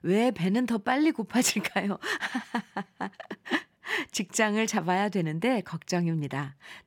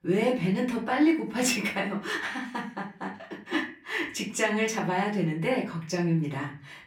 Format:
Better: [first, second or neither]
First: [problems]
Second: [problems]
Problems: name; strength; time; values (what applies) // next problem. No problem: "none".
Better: first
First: none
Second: room echo; slight; dies away in 0.3 s // off-mic speech; far